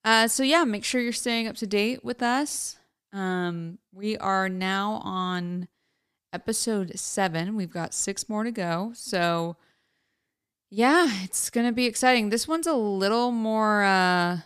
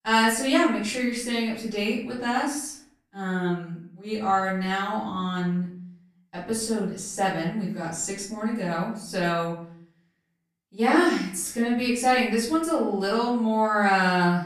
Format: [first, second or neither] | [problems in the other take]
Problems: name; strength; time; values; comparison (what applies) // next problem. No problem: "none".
first | room echo; noticeable; dies away in 0.6 s // off-mic speech; far